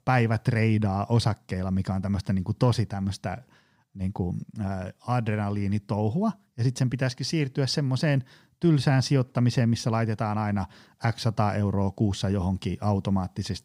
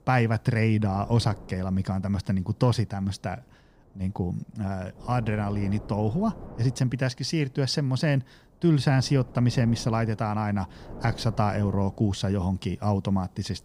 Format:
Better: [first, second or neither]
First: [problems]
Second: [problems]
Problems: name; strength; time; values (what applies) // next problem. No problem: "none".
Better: first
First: none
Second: wind noise on the microphone; occasional gusts; 15 dB below the speech